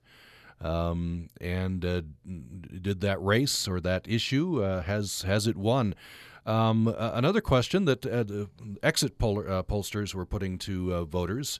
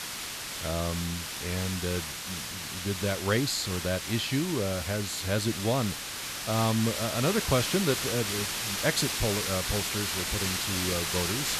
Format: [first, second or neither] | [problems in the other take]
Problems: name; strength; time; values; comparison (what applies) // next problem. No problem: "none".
first | hiss; loud; throughout; 1 dB below the speech